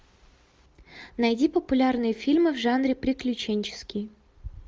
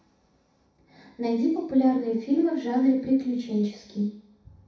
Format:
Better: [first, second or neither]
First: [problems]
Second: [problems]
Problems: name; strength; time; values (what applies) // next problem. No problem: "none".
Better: first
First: none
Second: room echo; dies away in 0.7 s